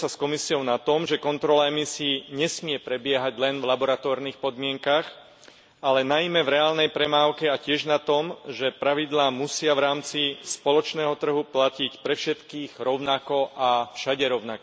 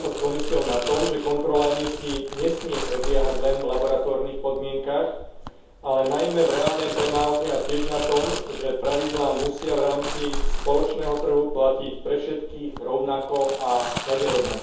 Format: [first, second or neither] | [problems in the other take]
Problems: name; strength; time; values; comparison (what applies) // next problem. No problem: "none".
first | background sound (Crumpling, crinkling); 5 dB below the speech // room echo; dies away in 0.7 s